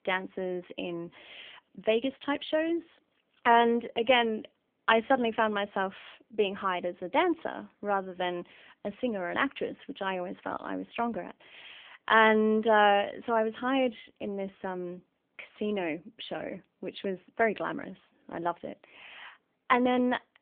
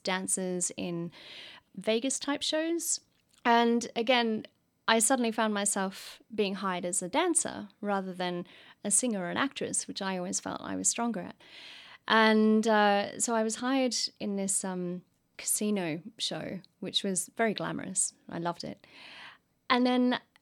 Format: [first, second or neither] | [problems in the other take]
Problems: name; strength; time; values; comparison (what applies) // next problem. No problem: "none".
second | phone-call audio; nothing above 3 kHz